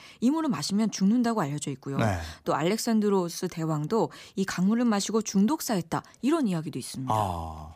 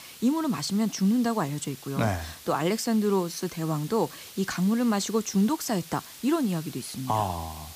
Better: first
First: none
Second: hiss; noticeable; throughout; 15 dB below the speech

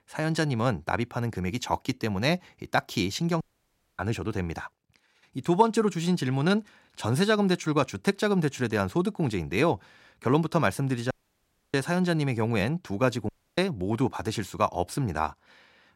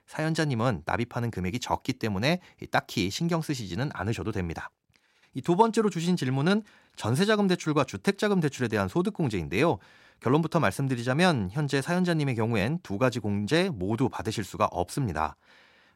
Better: second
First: audio cutting out; at 3.5 s for 0.5 s, at 11 s for 0.5 s and at 13 s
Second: none

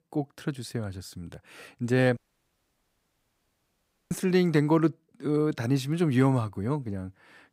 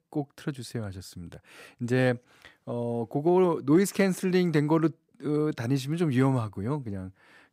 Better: second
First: audio cutting out; at 2 s for 2 s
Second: none

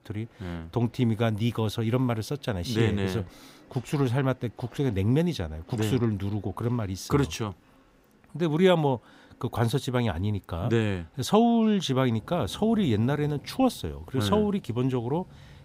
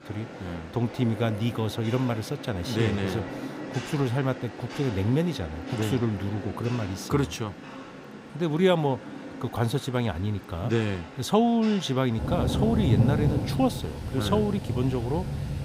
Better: first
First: rain or running water; faint; throughout; 25 dB below the speech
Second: rain or running water; loud; throughout; 6 dB below the speech

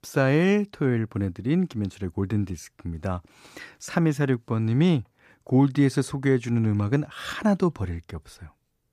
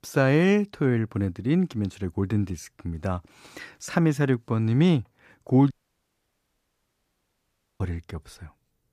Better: first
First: none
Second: audio cutting out; at 5.5 s for 2 s

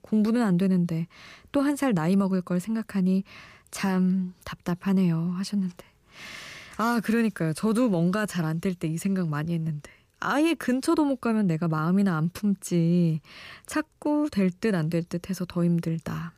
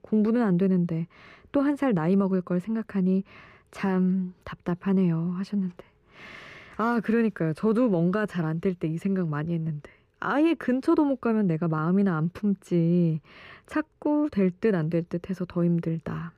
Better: first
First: none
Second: muffled; slightly; fading above 4 kHz

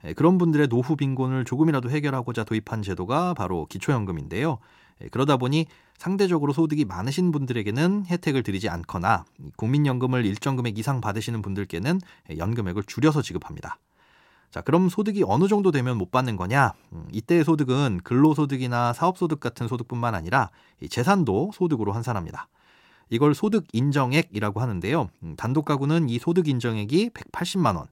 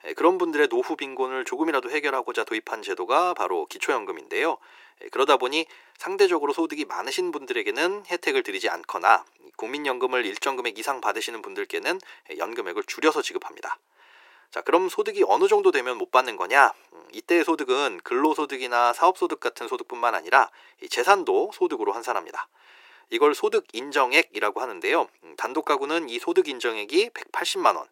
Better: first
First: none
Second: thin; very; fading below 350 Hz

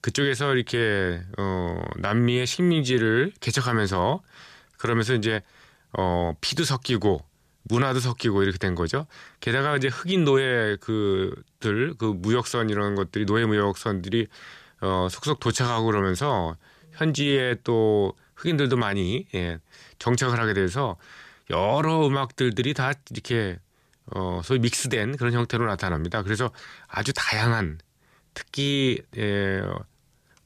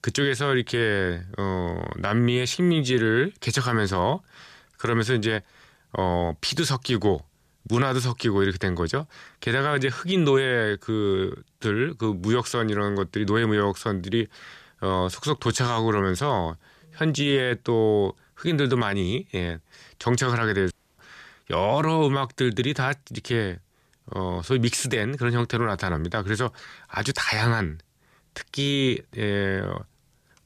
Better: first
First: none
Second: audio cutting out; at 21 s

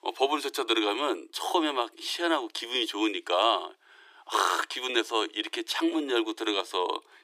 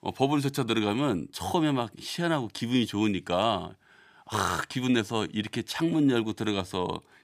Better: second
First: thin; very; fading below 300 Hz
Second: none

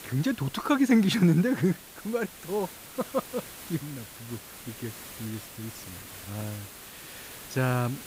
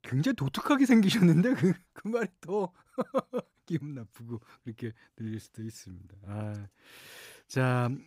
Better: second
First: hiss; noticeable; throughout; 15 dB below the speech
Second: none

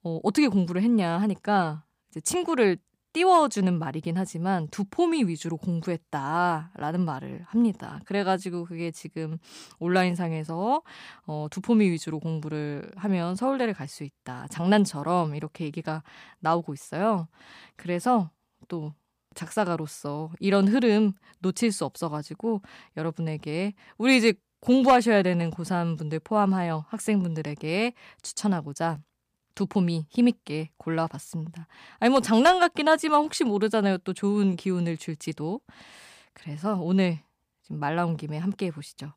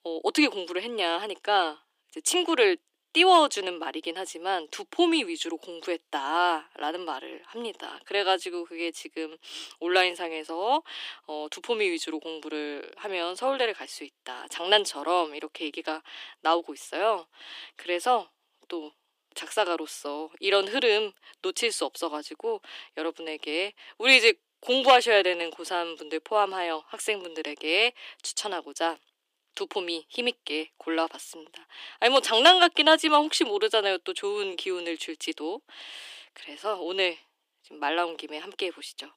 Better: first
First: none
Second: thin; very; fading below 300 Hz

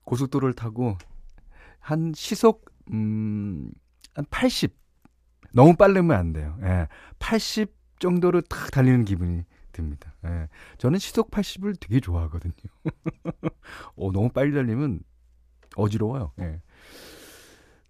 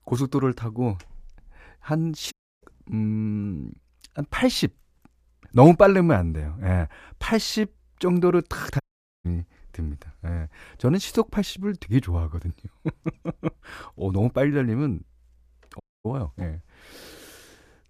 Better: first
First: none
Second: audio cutting out; at 2.5 s, at 9 s and at 16 s

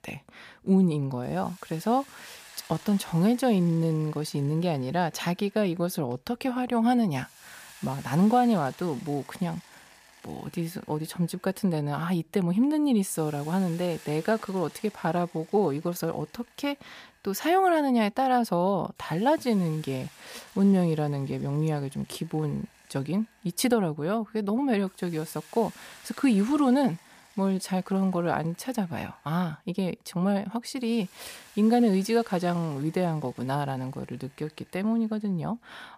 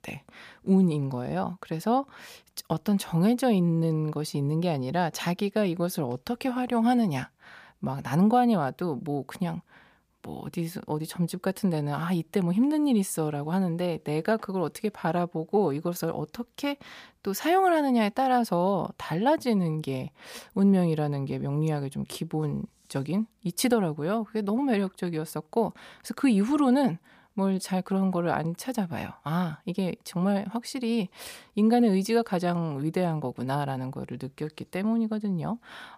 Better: second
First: hiss; faint; throughout; 25 dB below the speech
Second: none

